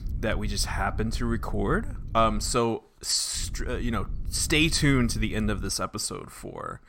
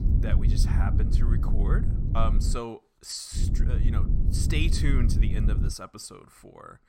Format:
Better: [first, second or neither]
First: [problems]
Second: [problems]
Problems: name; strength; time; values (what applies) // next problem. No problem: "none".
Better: first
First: low rumble; faint; until 2.5 s and from 3.5 to 5.5 s; 25 dB below the speech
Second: low rumble; loud; until 2.5 s and from 3.5 to 5.5 s; 5 dB below the speech